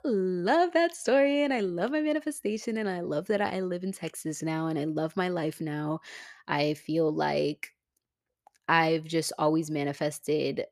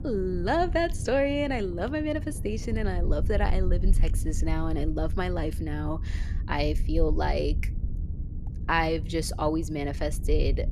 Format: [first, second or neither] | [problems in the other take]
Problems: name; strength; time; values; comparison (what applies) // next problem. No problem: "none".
first | low rumble; noticeable; throughout; 20 dB below the speech